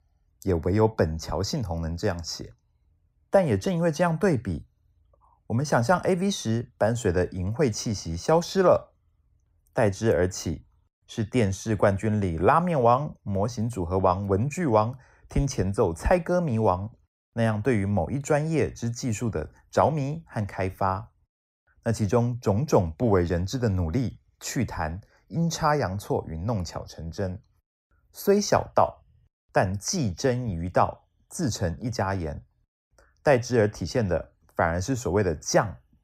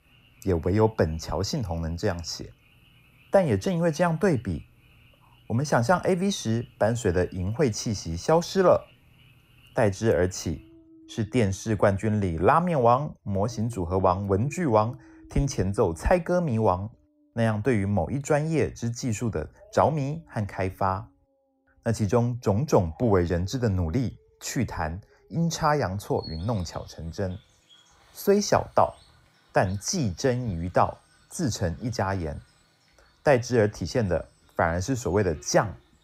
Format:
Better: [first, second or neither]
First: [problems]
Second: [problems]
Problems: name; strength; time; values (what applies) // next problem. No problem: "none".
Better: first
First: none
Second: animal sounds; faint; throughout; 30 dB below the speech